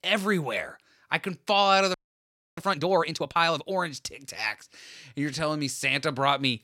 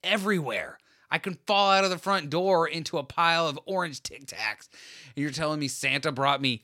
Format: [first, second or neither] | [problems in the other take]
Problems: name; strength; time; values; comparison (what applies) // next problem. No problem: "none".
second | audio freezing; at 2 s for 0.5 s